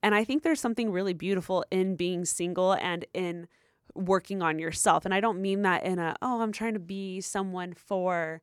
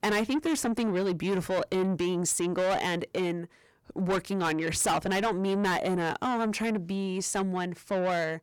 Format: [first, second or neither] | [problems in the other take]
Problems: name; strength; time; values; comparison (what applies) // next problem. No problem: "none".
first | distortion; heavy; 7 dB below the speech